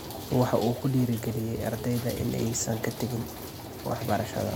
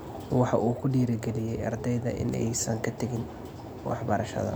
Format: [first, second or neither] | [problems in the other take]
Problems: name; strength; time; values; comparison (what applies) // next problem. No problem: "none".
second | background sound (Rain); 16 dB below the speech